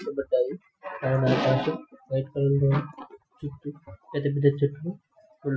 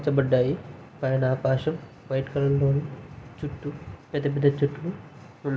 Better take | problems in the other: second | noise reduction (classical method Wiener filter)

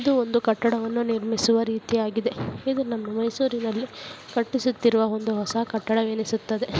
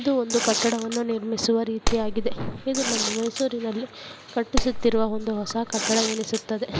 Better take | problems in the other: first | background sound (Tearing + Clapping); 2 dB below the speech

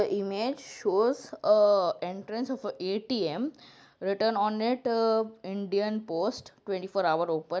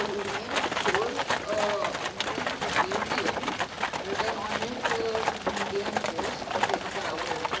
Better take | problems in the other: first | background sound (Livestock, farm animals, working animals); 5 dB above the speech // room echo; dies away in 0.6 s

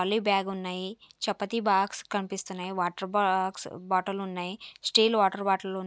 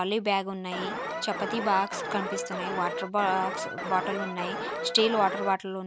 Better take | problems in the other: first | background sound (Alarm); 4 dB below the speech

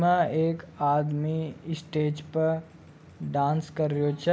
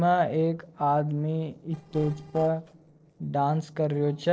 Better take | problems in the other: first | noise reduction (neural separator model SepFormer DNS4)

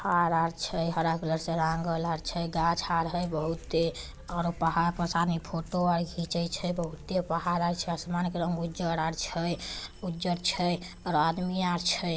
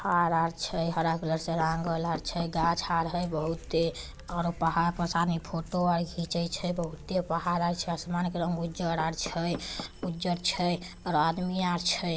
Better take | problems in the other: first | background sound (Knock / Wood); 17 dB below the speech

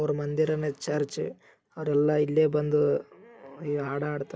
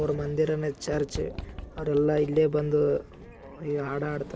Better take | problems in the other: first | background sound (Sliding door); 15 dB below the speech

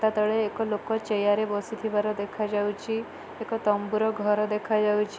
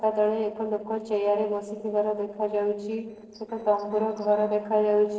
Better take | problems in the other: first | noise reduction (neural separator model SepFormer DNS4)

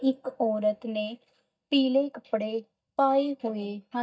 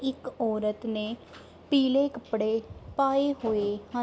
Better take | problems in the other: second | noise reduction (neural mask model DeepFilterNet 3)

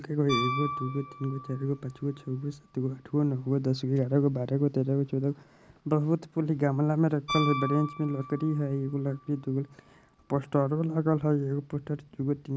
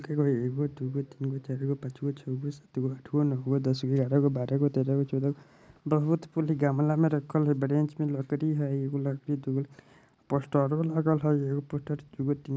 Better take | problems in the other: second | background sound (Piano); 12 dB below the speech

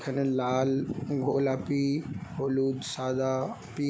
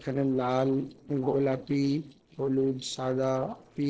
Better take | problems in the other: first | noise reduction (neural separator model SepFormer DNS4)

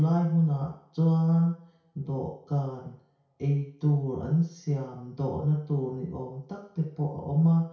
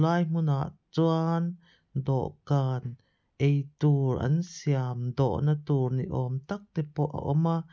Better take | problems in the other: second | room echo; dies away in 0.6 s

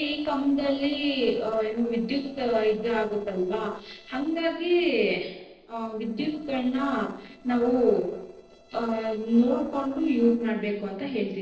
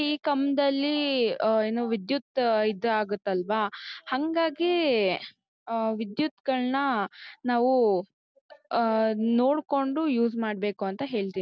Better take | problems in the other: second | noise reduction (neural separator model SepFormer DNS4)

